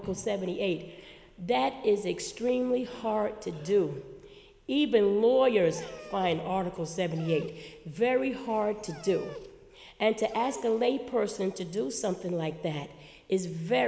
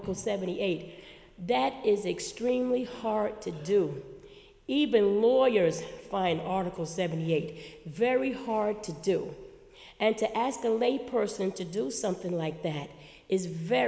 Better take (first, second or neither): second